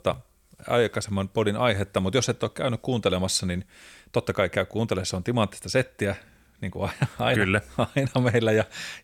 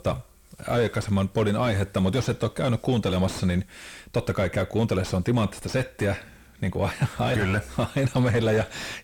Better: first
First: none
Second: distortion; heavy; 5 dB below the speech

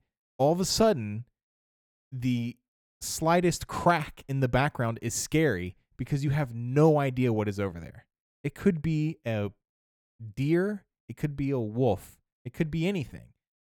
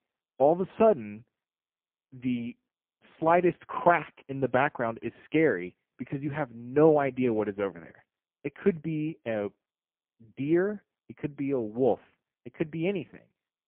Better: first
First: none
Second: phone-call audio; poor line

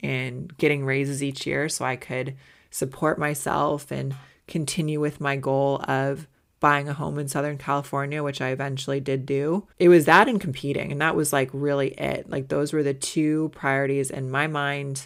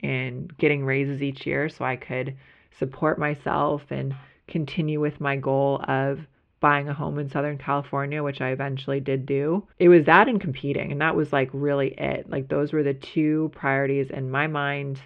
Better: first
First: none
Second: muffled; very; fading above 3 kHz

